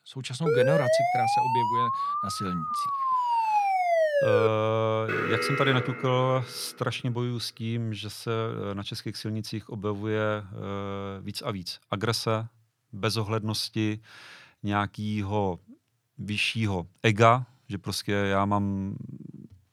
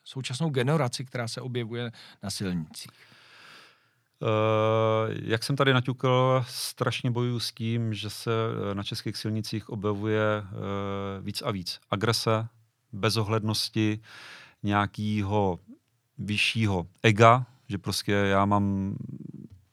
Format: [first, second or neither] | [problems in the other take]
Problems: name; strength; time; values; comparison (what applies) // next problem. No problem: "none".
second | siren; loud; until 4.5 s; peak 5 dB above the speech // alarm; loud; from 5 to 6.5 s; peak 1 dB above the speech